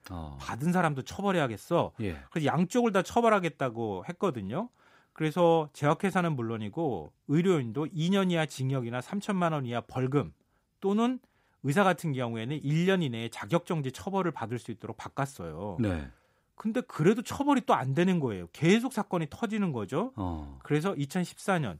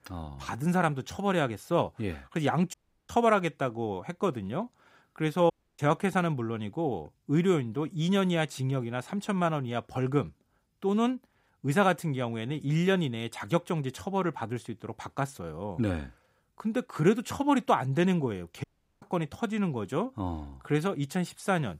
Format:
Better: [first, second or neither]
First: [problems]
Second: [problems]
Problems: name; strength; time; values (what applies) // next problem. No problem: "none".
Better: first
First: none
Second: audio cutting out; at 2.5 s, at 5.5 s and at 19 s